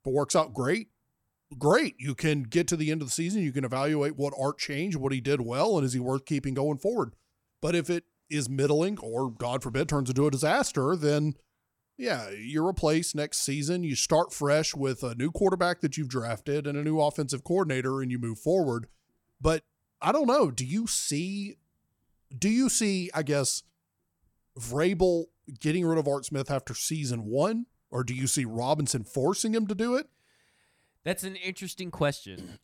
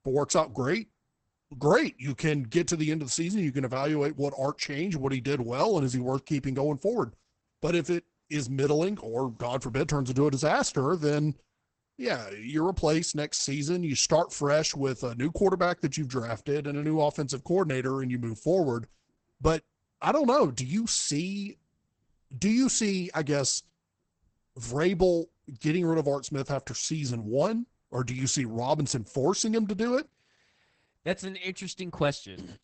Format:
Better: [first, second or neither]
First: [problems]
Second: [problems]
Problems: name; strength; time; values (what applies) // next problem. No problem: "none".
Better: first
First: none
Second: garbled, watery; badly; nothing above 8 kHz